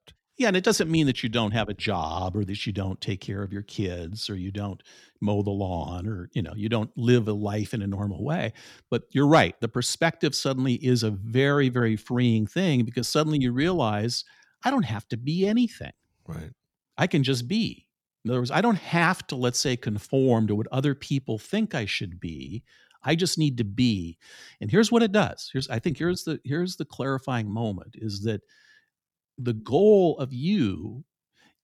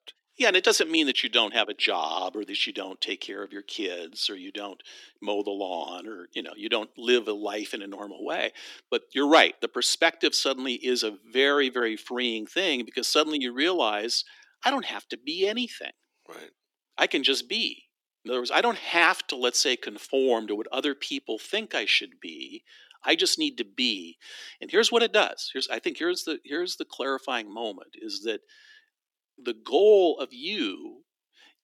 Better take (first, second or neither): first